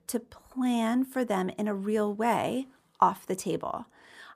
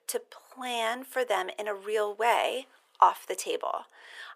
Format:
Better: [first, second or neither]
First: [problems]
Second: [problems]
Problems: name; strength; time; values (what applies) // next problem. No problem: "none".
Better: first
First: none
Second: thin; very; fading below 450 Hz